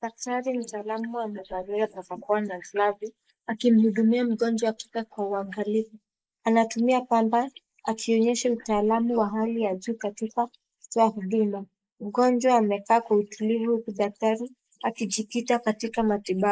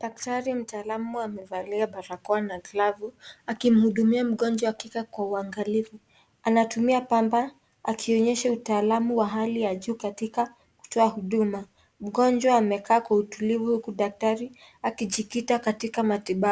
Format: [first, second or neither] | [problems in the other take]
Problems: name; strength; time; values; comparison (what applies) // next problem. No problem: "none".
second | noise reduction (neural mask model Resemble Enhance denoiser)